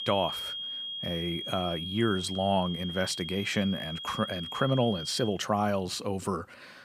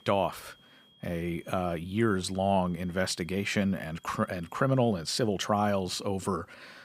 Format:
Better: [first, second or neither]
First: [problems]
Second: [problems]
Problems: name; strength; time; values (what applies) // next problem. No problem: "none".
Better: second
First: high-pitched whine; loud; until 5.5 s; 3 kHz, 6 dB below the speech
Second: high-pitched whine; faint; until 5.5 s; 3 kHz, 30 dB below the speech